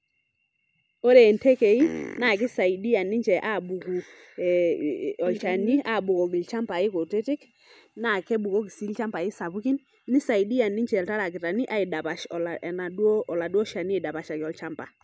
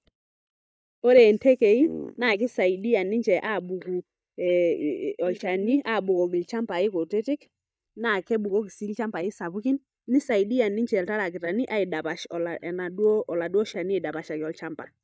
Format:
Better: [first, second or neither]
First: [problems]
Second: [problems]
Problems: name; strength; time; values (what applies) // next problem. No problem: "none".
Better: first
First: none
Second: noise reduction (neural mask model DeepFilterNet 3)